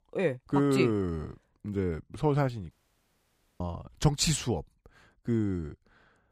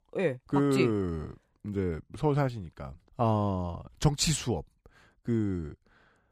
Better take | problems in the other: second | audio cutting out; at 2.5 s for 1 s

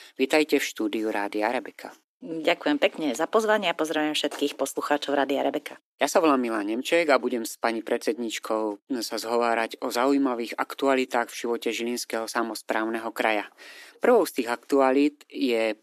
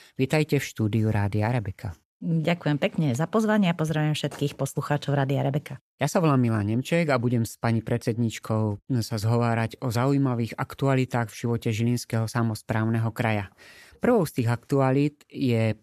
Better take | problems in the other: second | thin; somewhat; fading below 300 Hz

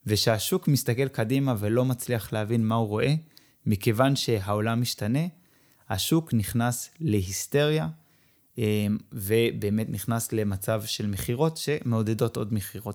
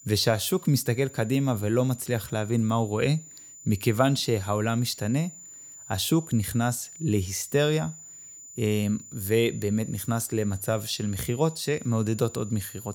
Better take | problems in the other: first | high-pitched whine; noticeable; throughout; 7 kHz, 15 dB below the speech

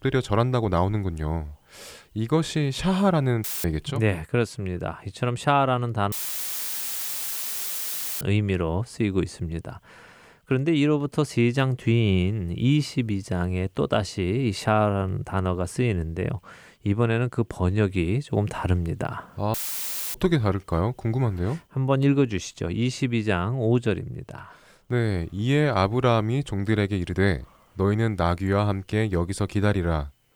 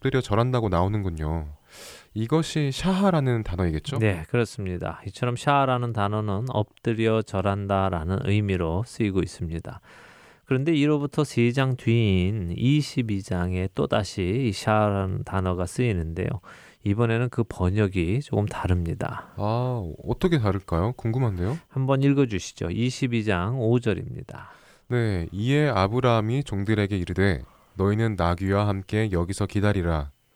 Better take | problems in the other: second | audio cutting out; filled with static; at 3.5 s, at 6 s for 2 s and at 20 s for 0.5 s

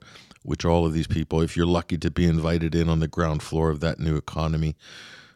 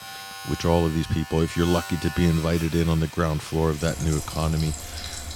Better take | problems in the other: first | household noises; noticeable; throughout; 10 dB below the speech

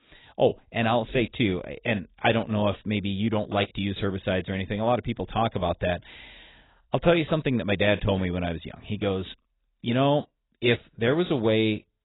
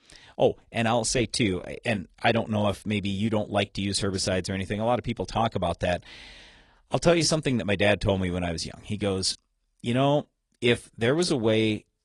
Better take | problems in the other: second | garbled, watery; badly; nothing above 4 kHz; slightly in the second

